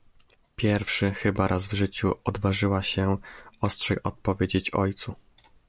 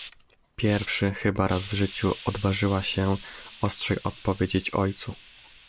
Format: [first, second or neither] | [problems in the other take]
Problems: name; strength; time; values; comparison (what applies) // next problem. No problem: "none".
first | background sound (Hiss); 19 dB below the speech